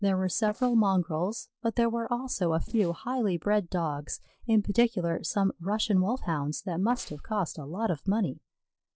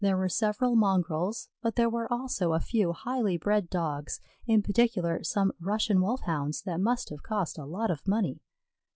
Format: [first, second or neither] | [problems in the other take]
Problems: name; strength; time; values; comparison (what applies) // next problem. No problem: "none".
second | noise reduction (neural separator model SepFormer DNS4)